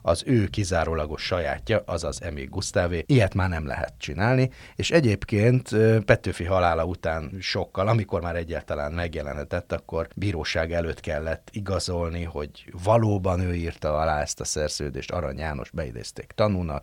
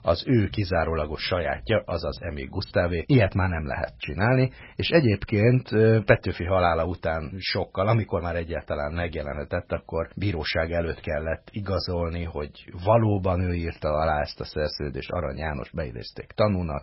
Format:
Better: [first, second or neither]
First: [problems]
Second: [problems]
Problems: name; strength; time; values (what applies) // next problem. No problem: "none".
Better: first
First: none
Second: garbled, watery; badly; nothing above 5.5 kHz